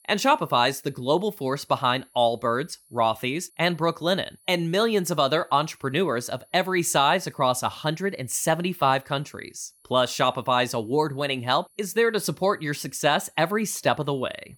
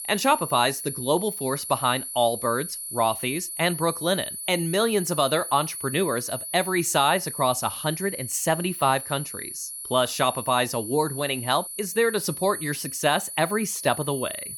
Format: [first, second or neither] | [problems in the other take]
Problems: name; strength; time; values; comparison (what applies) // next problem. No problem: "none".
first | high-pitched whine; loud; throughout; 10 kHz, 7 dB below the speech; faint in the first